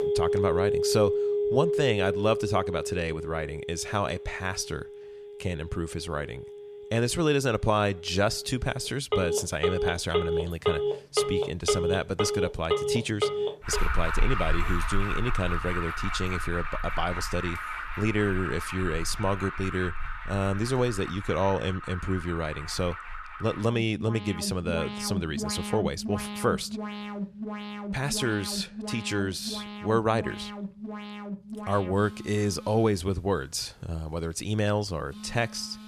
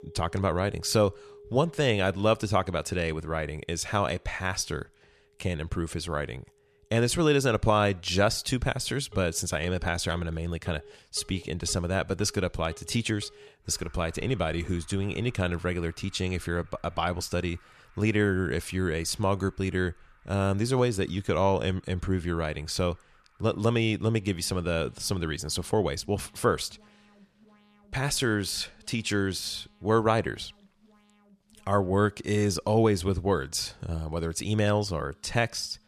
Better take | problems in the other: second | alarms or sirens; loud; throughout; 3 dB below the speech; faint in the second

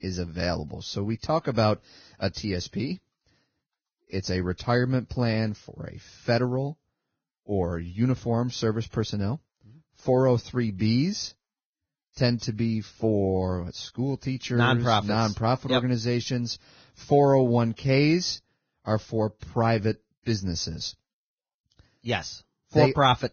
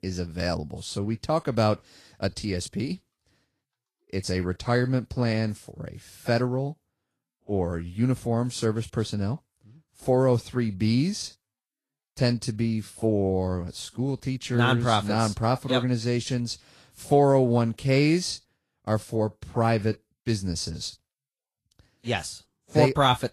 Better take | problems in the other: second | garbled, watery; badly; nothing above 6.5 kHz; slightly in the second

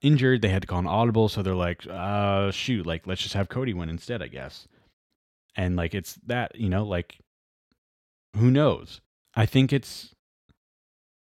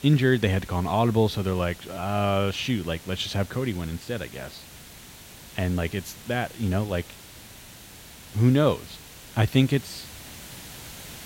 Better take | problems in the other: first | hiss; noticeable; throughout; 20 dB below the speech

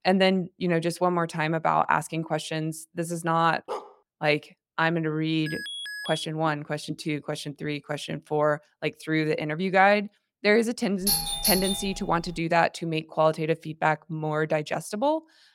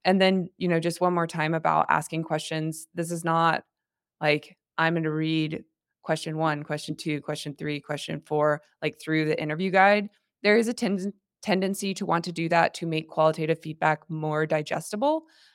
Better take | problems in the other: second | dog barking; faint; at 3.5 s; peak 10 dB below the speech // alarm; noticeable; at 5.5 s; peak 7 dB below the speech // doorbell; loud; from 11 to 12 s; peak 3 dB above the speech

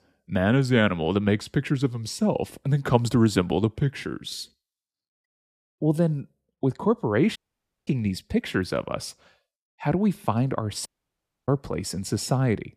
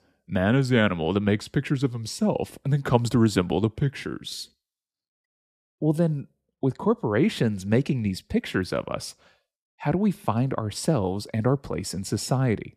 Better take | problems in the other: second | audio cutting out; at 7.5 s for 0.5 s and at 11 s for 0.5 s

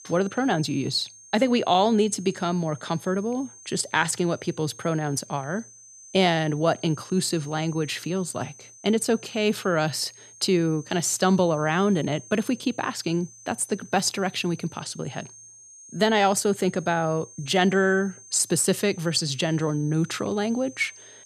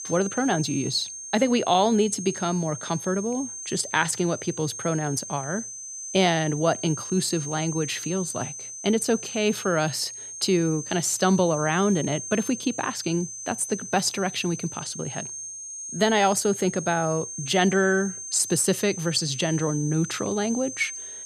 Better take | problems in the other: first | high-pitched whine; loud; throughout; 6 kHz, 9 dB below the speech; faint in the first

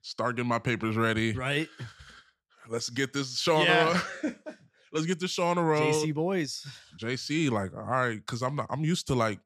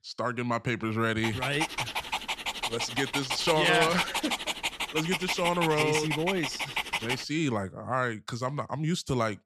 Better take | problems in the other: first | dog barking; loud; from 1 to 7 s; peak 1 dB above the speech

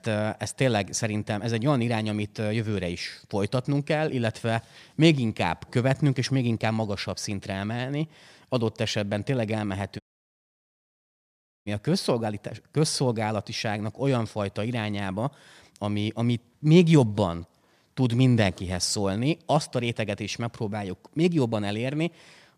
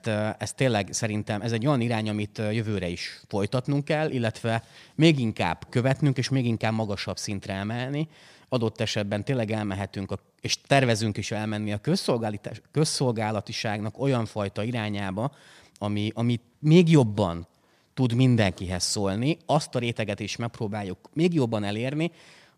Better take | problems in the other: second | audio cutting out; at 10 s for 1.5 s

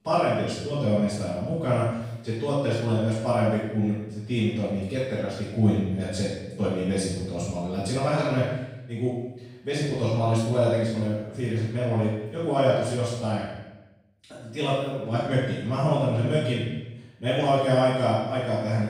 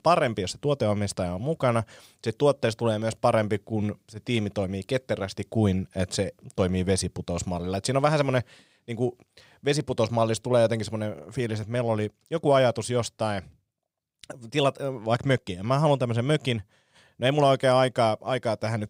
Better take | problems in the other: second | off-mic speech; far // room echo; strong; dies away in 0.9 s

